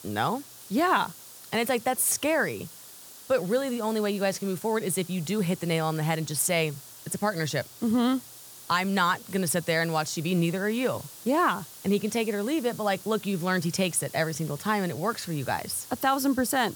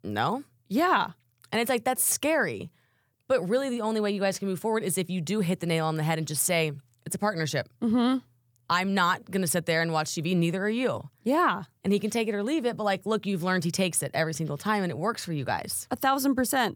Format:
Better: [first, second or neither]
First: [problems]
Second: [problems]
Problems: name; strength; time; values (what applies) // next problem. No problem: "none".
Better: second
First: hiss; noticeable; throughout; 15 dB below the speech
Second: none